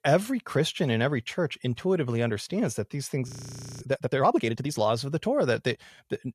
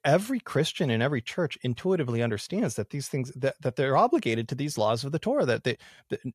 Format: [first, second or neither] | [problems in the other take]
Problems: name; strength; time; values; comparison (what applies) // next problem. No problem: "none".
second | audio freezing; at 3.5 s for 0.5 s